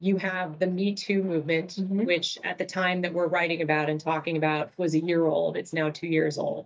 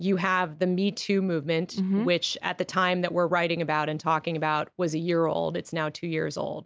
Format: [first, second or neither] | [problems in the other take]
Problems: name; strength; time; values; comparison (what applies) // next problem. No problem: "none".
second | noise reduction (neural mask model DeepFilterNet 3)